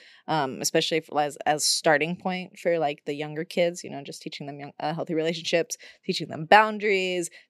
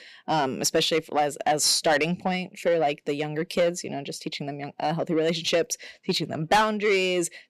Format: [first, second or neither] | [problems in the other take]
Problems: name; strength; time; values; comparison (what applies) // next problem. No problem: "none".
first | distortion; heavy; 8 dB below the speech